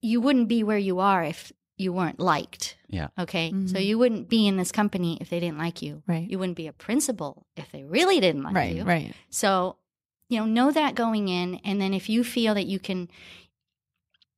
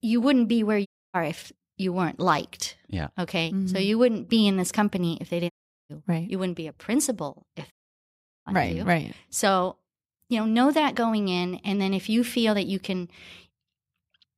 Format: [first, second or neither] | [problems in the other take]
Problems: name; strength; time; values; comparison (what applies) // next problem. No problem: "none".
first | audio cutting out; at 1 s, at 5.5 s and at 7.5 s for 0.5 s